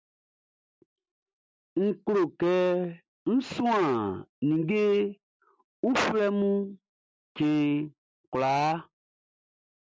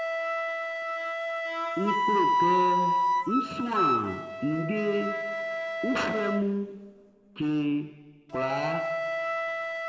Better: first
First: none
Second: background sound (Wind instrument, woodwind instrument); 2 dB above the speech // room echo; dies away in 1.9 s

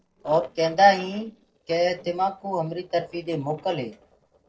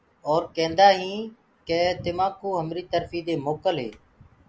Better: second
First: noise reduction (neural separator model SepFormer DNS4)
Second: none

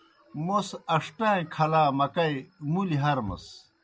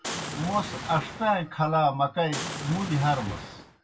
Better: first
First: none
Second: background sound (Boom); 8 dB below the speech // room echo; dies away in 0.2 s

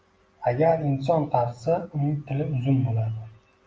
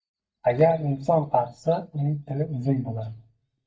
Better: first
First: none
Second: noise reduction (neural mask model DeepFilterNet 3)

